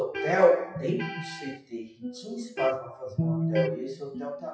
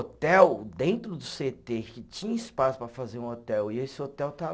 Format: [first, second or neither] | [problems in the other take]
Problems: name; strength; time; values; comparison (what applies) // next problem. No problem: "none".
second | noise reduction (classical method WPE with log-MMSE)